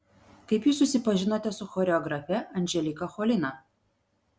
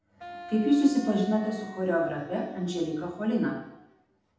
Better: first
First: none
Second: background sound (Wind instrument, woodwind instrument); 17 dB below the speech // room echo; dies away in 0.8 s

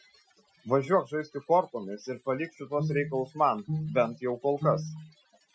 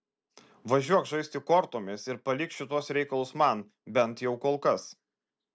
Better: second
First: noise reduction (classical method Wiener filter)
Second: none

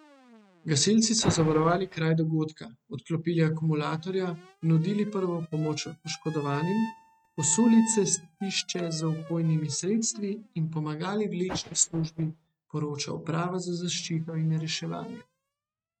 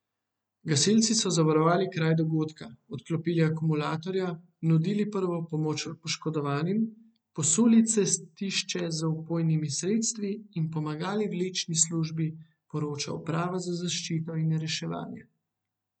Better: second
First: noise reduction (neural mask model RNNoise)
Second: none

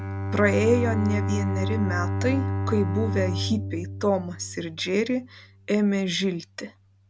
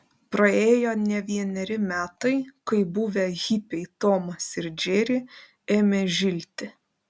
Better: second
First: background sound (Bowed string instrument); 3 dB below the speech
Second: none

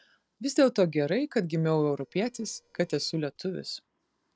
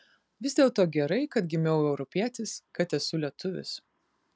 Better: second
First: noise reduction (neural separator model SepFormer DNS4)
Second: none

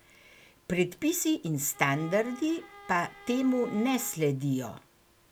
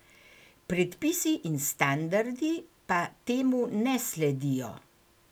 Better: second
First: background sound (Bowed string instrument); 18 dB below the speech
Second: none

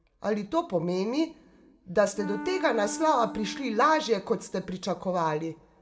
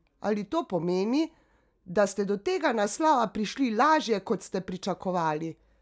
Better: second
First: background sound (Wind instrument, woodwind instrument); 11 dB below the speech // room echo; dies away in 0.4 s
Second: none

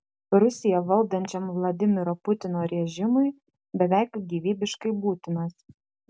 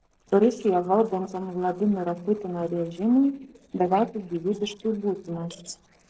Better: first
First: none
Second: noise reduction (neural separator model SepFormer DNS4)

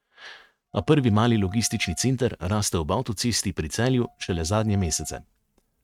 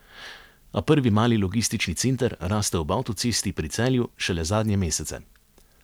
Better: second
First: noise reduction (neural mask model RNNoise)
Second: none

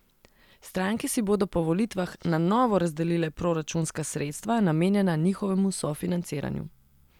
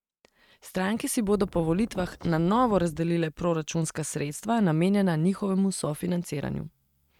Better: first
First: none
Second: noise reduction (neural mask model RNNoise)

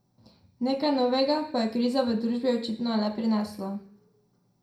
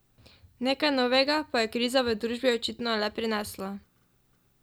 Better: second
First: room echo; dies away in 0.5 s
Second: none

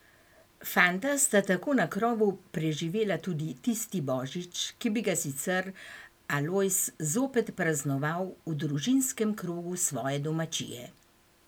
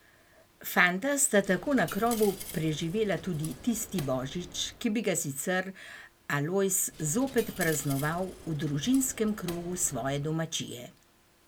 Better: first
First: none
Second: background sound (Coin (dropping)); 15 dB below the speech

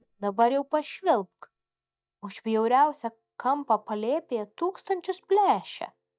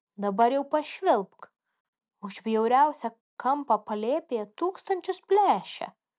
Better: second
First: noise reduction (neural mask model DeepFilterNet 3)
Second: none

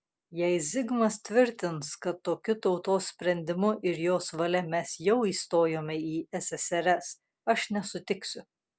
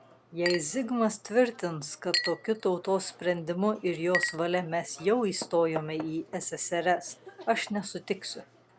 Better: first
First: none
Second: background sound (Chink, clink); 10 dB below the speech

